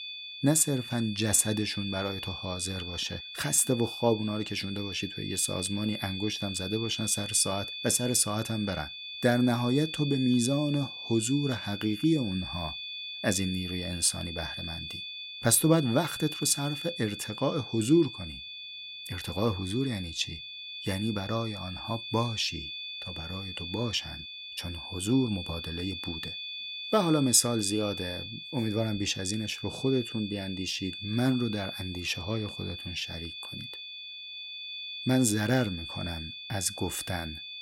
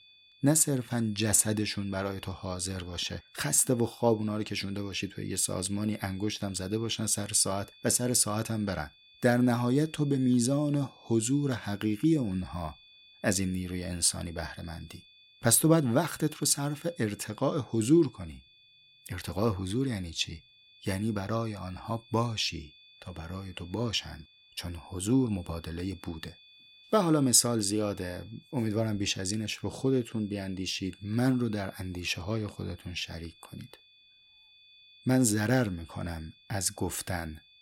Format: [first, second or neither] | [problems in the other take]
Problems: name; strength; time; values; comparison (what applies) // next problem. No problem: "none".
second | high-pitched whine; loud; throughout; 3.5 kHz, 9 dB below the speech; faint in the second